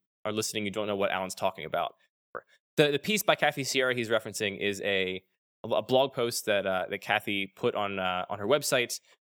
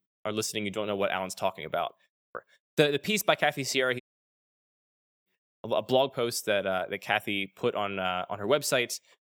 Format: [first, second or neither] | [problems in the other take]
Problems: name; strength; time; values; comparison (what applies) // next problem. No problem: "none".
first | audio cutting out; at 4 s for 1.5 s